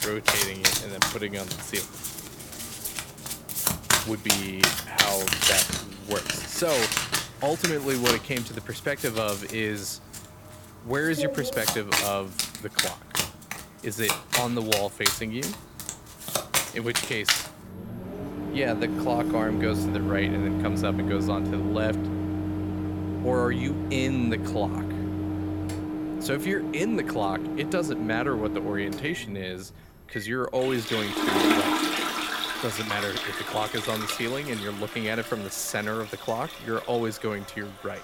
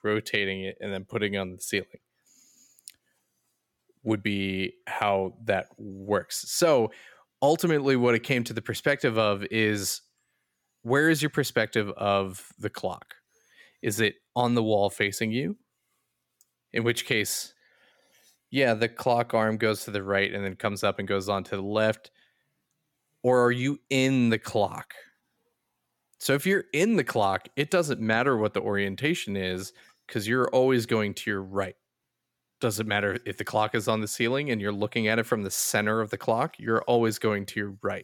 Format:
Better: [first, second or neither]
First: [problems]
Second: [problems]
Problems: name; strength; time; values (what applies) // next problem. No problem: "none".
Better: second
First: household noises; very loud; throughout; 3 dB above the speech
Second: none